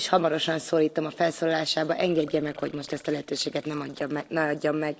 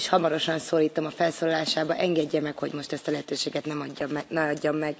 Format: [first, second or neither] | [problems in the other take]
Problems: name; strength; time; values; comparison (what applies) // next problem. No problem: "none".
second | noise reduction (neural separator model SepFormer DNS4)